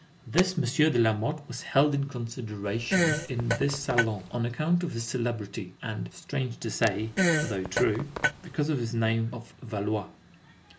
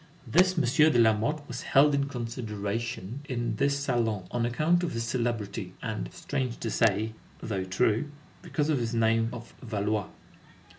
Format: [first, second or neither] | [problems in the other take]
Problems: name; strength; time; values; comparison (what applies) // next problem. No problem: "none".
second | background sound (Fart); 1 dB below the speech